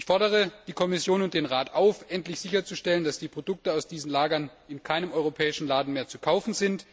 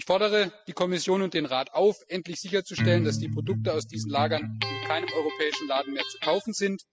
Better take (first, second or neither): first